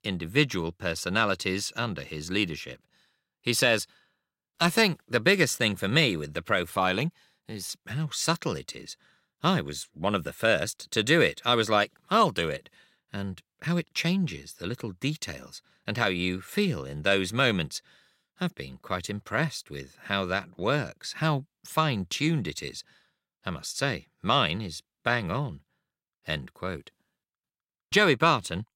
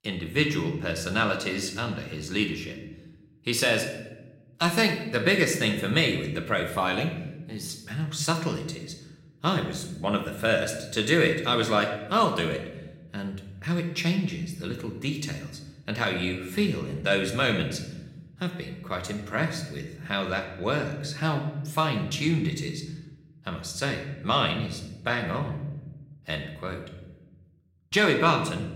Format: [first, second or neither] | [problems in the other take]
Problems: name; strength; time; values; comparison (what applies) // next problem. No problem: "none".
first | room echo; slight; dies away in 0.9 s